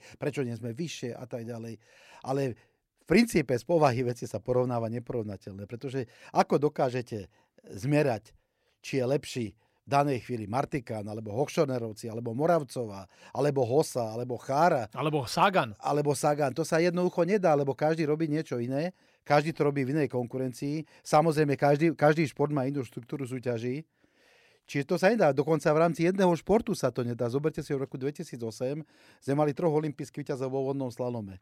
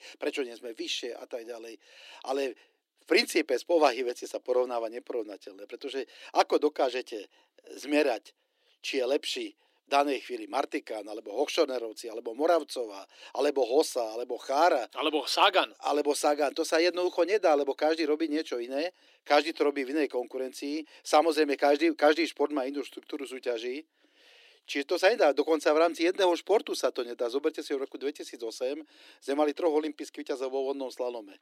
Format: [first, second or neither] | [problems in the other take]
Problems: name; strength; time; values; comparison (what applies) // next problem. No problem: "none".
first | thin; somewhat; fading below 300 Hz